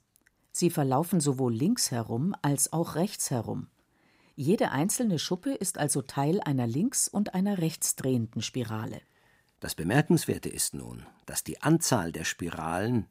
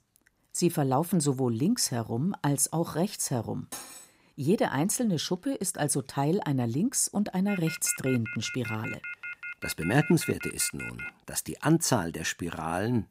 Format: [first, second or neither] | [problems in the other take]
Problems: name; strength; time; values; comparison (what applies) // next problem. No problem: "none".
first | clattering dishes; faint; at 3.5 s; peak 10 dB below the speech // phone ringing; noticeable; from 7.5 to 11 s; peak 9 dB below the speech